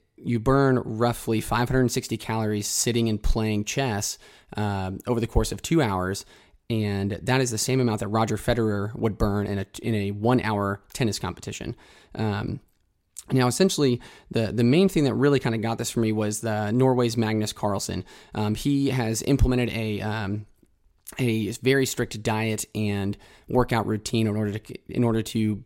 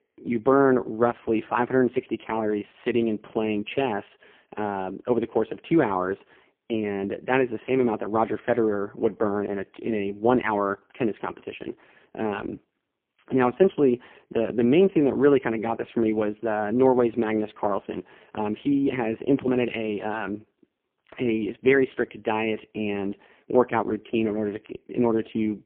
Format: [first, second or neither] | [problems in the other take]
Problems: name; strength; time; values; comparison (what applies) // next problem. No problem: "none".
first | phone-call audio; poor line